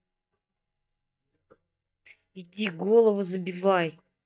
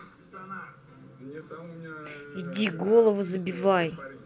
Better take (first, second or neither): second